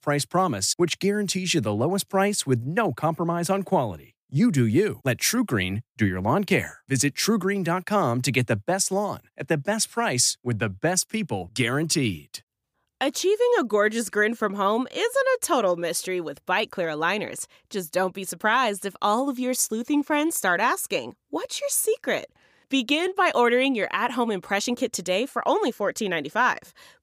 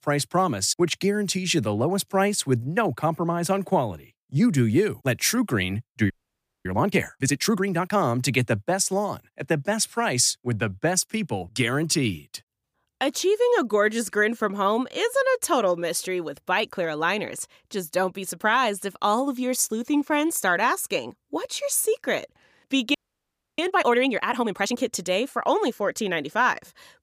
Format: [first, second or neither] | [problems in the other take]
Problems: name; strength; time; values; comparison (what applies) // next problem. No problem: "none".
first | audio freezing; at 6 s for 0.5 s and at 23 s for 0.5 s